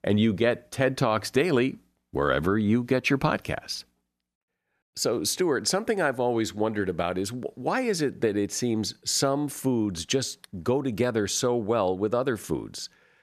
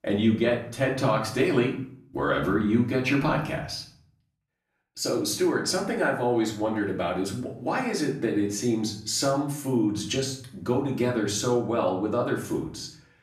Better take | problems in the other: first | room echo; slight; dies away in 0.5 s // off-mic speech; far

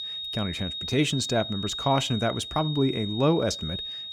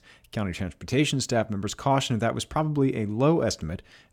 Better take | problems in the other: second | high-pitched whine; loud; throughout; 3.5 kHz, 6 dB below the speech

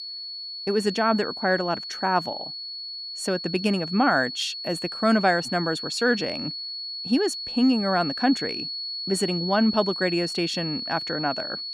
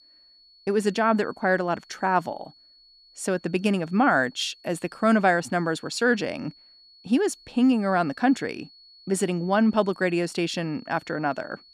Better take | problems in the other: second | high-pitched whine; loud; throughout; 4.5 kHz, 6 dB below the speech; faint in the second

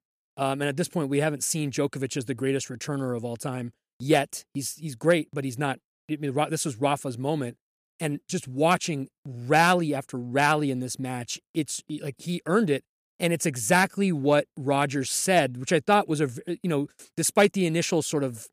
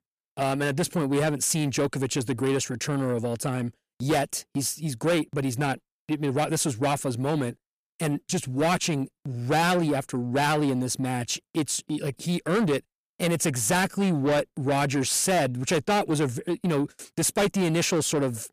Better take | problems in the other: first | distortion; heavy; 7 dB below the speech

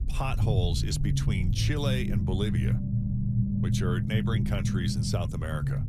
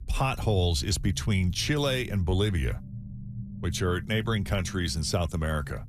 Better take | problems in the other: second | low rumble; loud; throughout; 4 dB below the speech; faint in the second

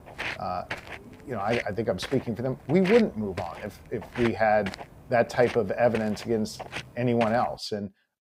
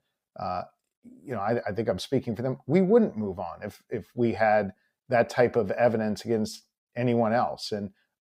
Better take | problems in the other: second | footsteps; noticeable; until 7.5 s; peak 5 dB below the speech

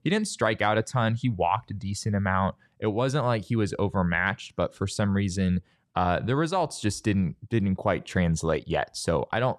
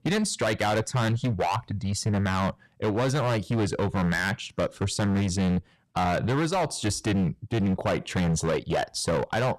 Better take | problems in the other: first | distortion; heavy; 20% of the sound clipped

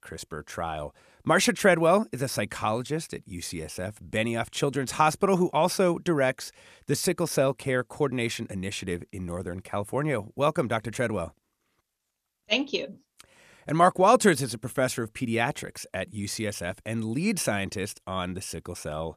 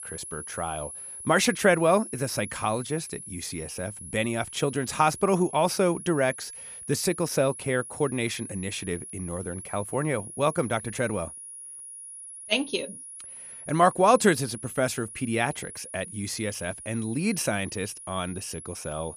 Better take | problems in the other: first | high-pitched whine; noticeable; throughout; 10.5 kHz, 10 dB below the speech

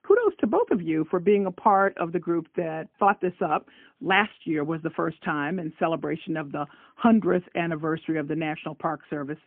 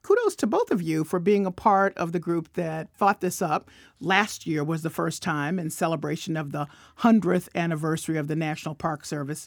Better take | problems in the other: second | phone-call audio; poor line; nothing above 3 kHz

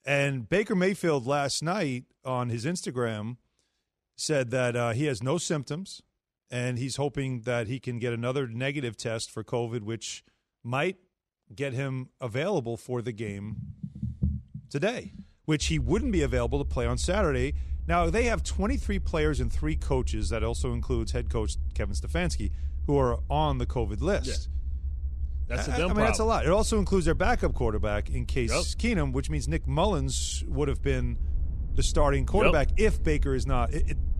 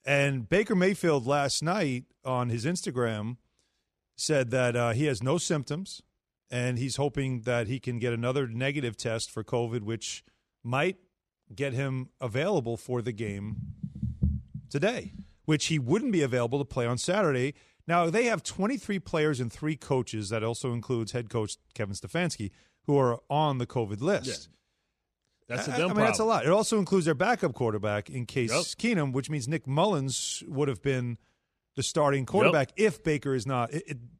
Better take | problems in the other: second | low rumble; faint; from 16 s on; 25 dB below the speech

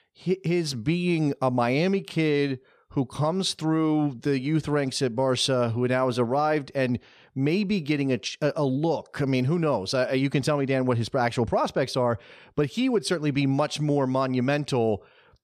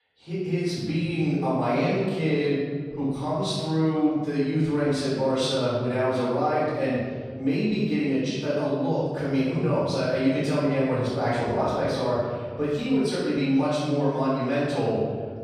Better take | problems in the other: first | off-mic speech; far // room echo; strong; dies away in 1.6 s

